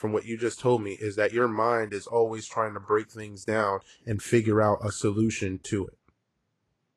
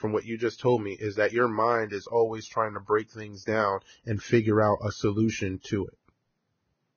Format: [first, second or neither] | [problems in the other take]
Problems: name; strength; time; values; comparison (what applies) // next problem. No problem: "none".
first | garbled, watery; badly; nothing above 6.5 kHz; slightly in the first